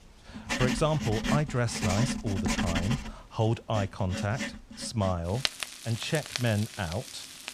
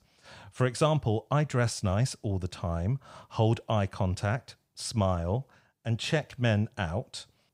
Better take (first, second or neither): second